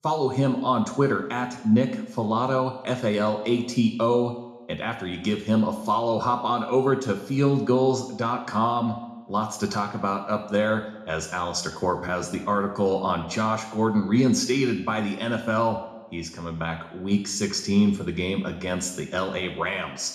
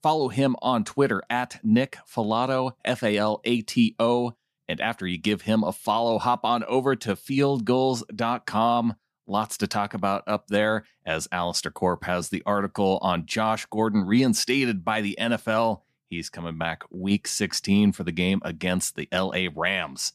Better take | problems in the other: second | room echo; slight; dies away in 0.7 s // off-mic speech; somewhat distant

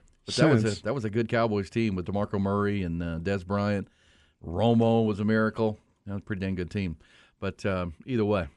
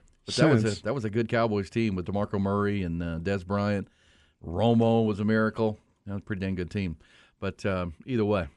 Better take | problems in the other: neither | none

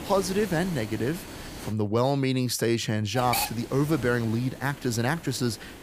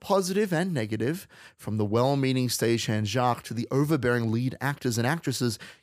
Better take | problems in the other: second | hiss; loud; until 1.5 s and from 3 s on; 9 dB below the speech

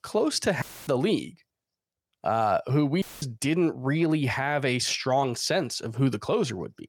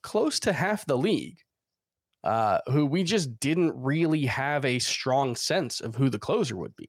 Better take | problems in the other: second | audio cutting out; filled with static; at 0.5 s and at 3 s

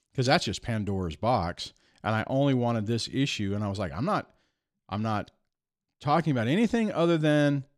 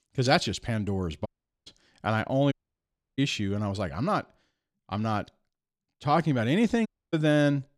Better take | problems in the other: first | audio cutting out; at 1.5 s, at 2.5 s for 0.5 s and at 7 s

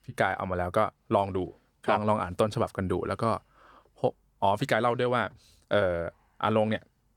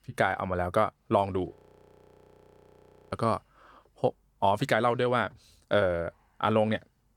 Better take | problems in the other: first | audio freezing; at 1.5 s for 1.5 s

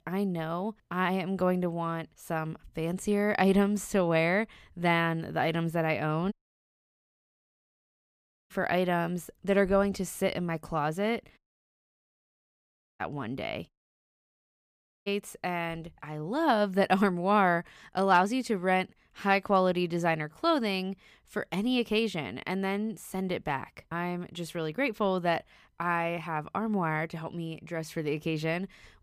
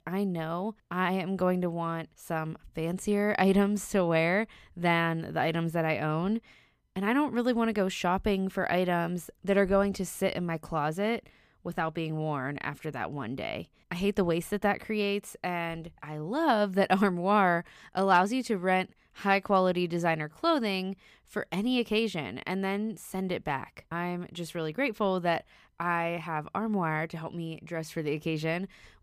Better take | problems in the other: second | audio cutting out; at 6.5 s for 2 s, at 11 s for 1.5 s and at 14 s for 1.5 s

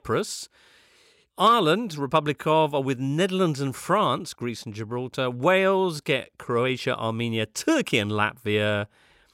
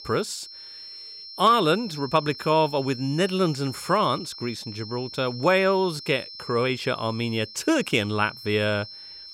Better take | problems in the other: first | high-pitched whine; noticeable; throughout; 5.5 kHz, 15 dB below the speech

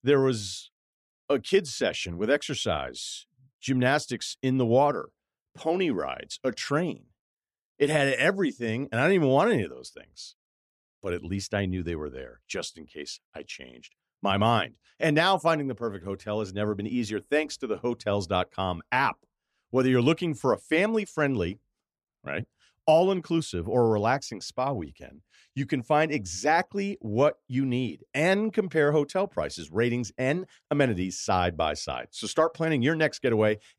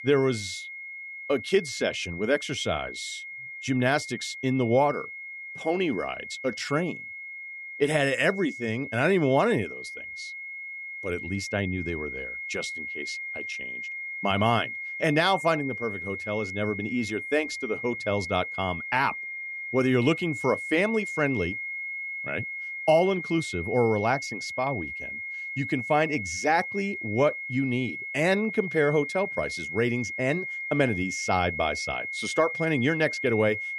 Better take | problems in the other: first | high-pitched whine; loud; throughout; 2 kHz, 7 dB below the speech

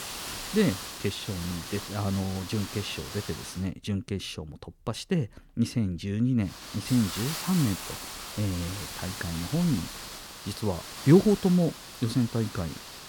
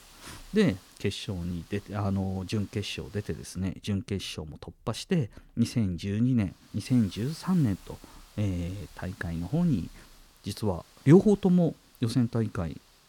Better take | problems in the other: second | hiss; loud; until 3.5 s and from 6.5 s on; 9 dB below the speech; faint in the second

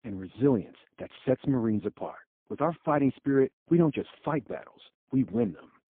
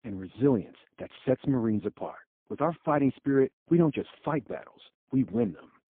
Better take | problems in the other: neither | phone-call audio; poor line; the same in both

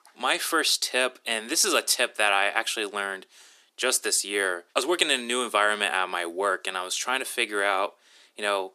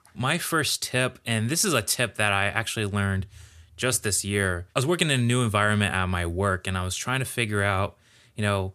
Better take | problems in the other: second | thin; very; fading below 300 Hz

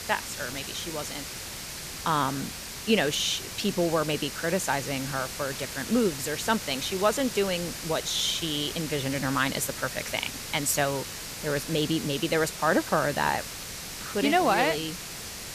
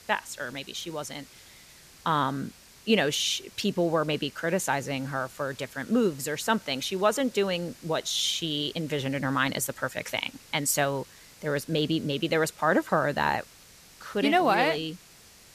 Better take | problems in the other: second | hiss; loud; throughout; 7 dB below the speech; faint in the second

